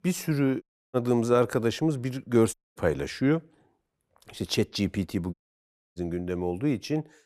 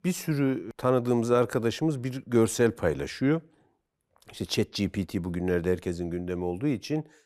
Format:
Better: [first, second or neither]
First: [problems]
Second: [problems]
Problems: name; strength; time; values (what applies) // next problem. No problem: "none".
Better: second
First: audio cutting out; at 0.5 s, at 2.5 s and at 5.5 s for 0.5 s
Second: none